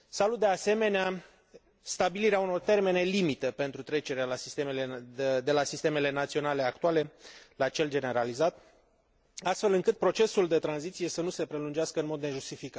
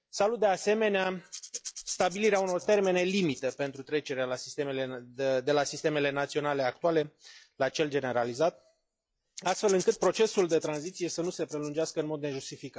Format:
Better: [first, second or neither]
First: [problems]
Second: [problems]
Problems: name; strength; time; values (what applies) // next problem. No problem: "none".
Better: first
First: none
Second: noise reduction (classical method log-MMSE)